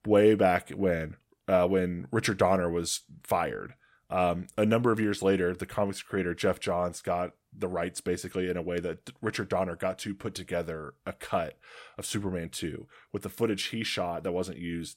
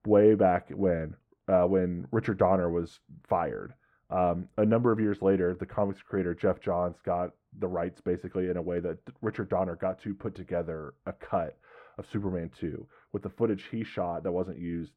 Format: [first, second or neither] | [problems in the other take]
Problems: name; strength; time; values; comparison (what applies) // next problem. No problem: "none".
first | muffled; very; fading above 3 kHz